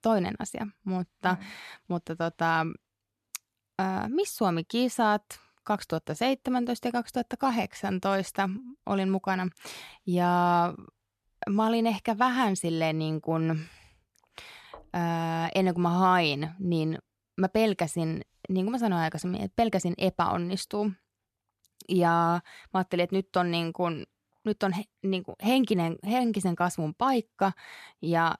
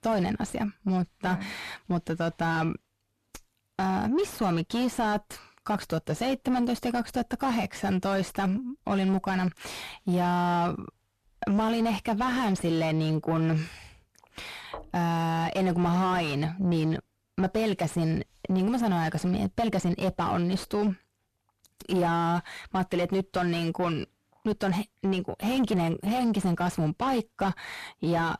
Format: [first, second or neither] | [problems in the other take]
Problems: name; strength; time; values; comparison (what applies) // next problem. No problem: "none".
first | distortion; heavy; 6 dB below the speech